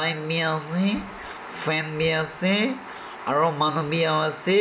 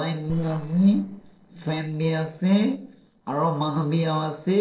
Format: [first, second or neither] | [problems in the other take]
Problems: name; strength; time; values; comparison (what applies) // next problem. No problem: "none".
first | noise reduction (neural separator model SepFormer DNS4)